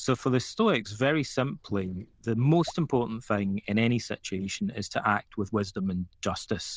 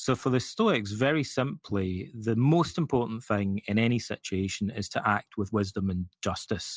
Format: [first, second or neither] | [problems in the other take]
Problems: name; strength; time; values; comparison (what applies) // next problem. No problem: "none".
second | noise reduction (neural diffusion model UNIVERSE++)